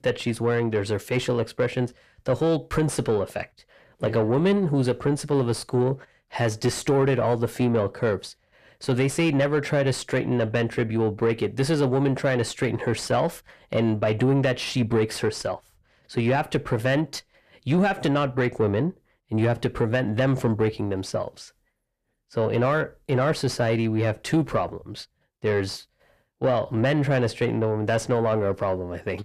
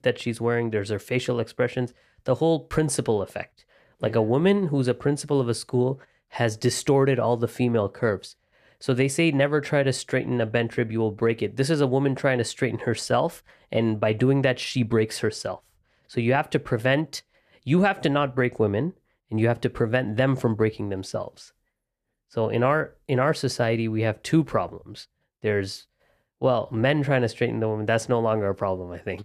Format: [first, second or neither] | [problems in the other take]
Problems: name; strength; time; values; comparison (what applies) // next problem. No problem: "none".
second | distortion; slight; 10 dB below the speech